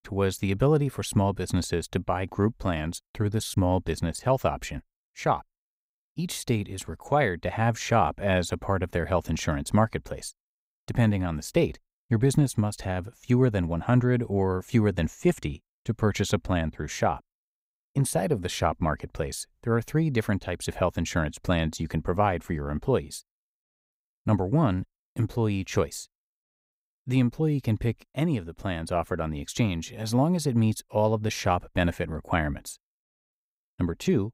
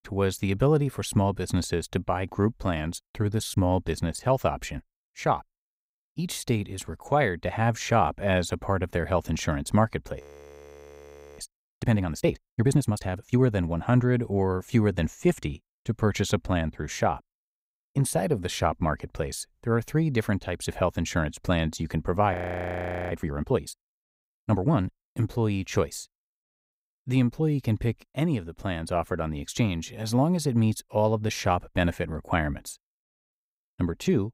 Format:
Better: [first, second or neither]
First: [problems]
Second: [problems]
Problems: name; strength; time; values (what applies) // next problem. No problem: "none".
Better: first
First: none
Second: audio freezing; at 10 s for 1 s and at 22 s for 1 s